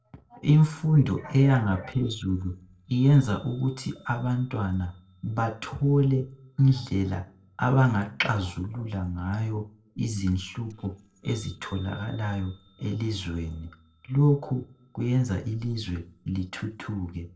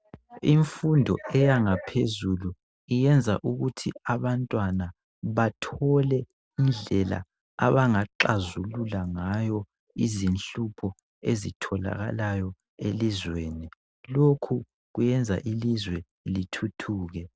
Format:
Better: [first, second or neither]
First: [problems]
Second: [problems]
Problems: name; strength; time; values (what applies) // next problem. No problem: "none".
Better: second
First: noise reduction (neural separator model SepFormer DNS4)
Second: none